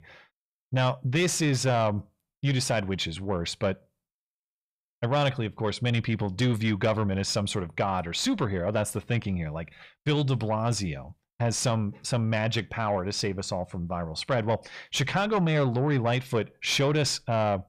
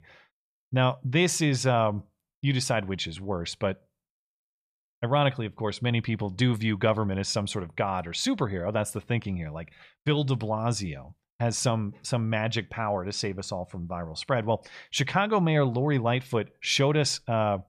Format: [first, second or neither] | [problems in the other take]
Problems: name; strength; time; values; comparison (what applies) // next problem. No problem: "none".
second | distortion; slight; 10 dB below the speech